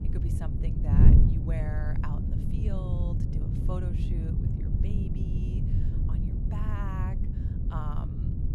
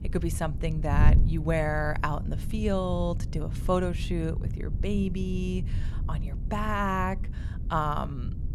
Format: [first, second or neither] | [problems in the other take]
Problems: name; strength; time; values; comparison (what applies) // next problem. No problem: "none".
second | wind noise on the microphone; heavy; 3 dB above the speech; occasional gusts in the second